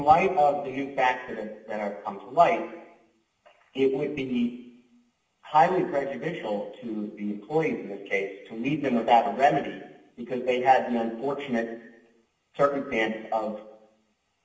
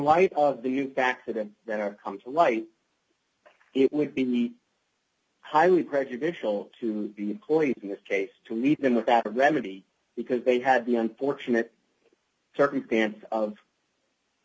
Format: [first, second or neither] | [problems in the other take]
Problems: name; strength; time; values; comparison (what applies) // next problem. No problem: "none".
second | room echo; dies away in 1 s